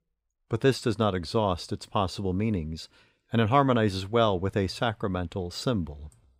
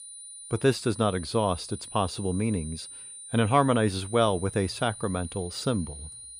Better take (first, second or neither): first